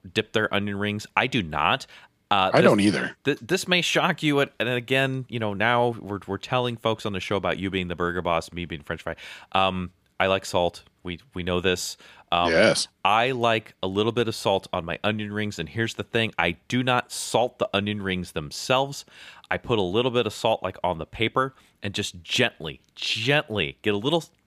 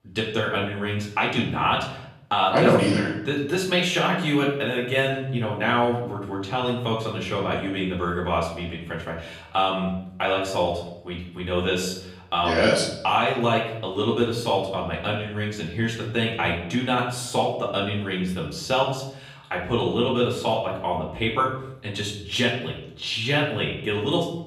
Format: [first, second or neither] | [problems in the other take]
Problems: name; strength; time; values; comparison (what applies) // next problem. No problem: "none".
first | room echo; noticeable; dies away in 0.7 s // off-mic speech; far